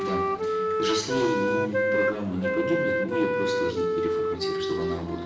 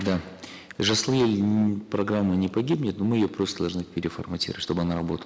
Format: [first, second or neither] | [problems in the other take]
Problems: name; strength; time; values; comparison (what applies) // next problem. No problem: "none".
second | background sound (Wind instrument, woodwind instrument); 4 dB above the speech // room echo; dies away in 2.4 s